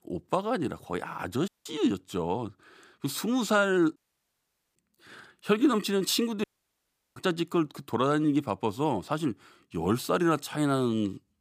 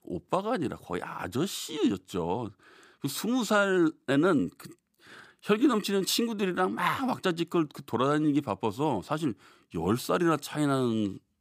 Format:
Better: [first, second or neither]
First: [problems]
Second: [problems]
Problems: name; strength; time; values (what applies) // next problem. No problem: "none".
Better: second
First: audio cutting out; at 1.5 s, at 4 s for 1 s and at 6.5 s for 0.5 s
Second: none